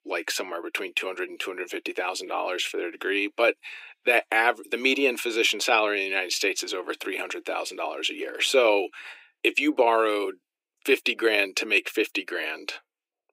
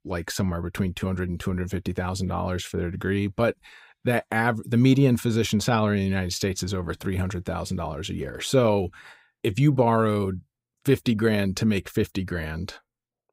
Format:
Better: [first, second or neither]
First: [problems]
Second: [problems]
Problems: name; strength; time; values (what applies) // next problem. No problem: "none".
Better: second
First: thin; very; fading below 300 Hz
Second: none